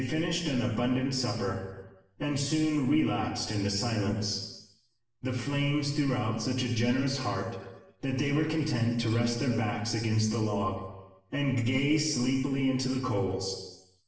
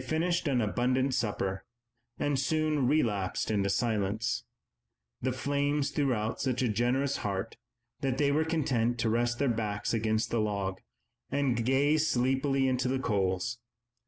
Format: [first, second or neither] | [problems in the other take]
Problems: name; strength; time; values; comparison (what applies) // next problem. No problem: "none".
second | room echo; dies away in 1.1 s